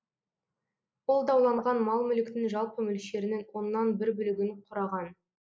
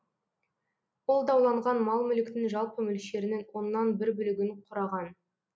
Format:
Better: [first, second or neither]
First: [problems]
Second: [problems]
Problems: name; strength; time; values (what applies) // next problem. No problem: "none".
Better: second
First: noise reduction (neural mask model Resemble Enhance denoiser)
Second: none